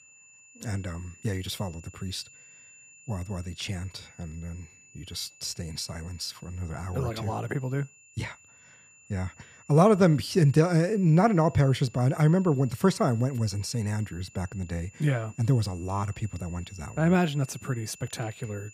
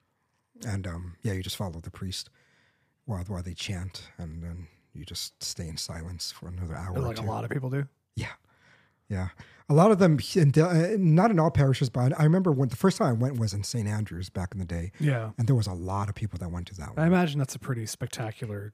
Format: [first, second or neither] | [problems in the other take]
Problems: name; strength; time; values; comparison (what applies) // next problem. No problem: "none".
second | high-pitched whine; faint; throughout; 2.5 kHz, 25 dB below the speech